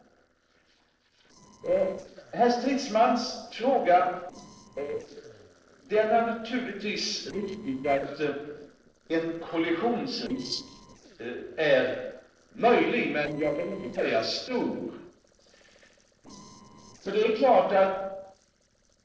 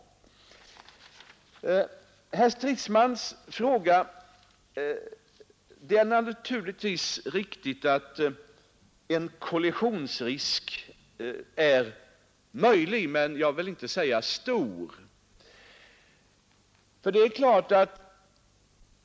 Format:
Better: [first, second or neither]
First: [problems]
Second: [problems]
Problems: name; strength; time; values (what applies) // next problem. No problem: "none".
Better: second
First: noise reduction (neural separator model SepFormer DNS4)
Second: none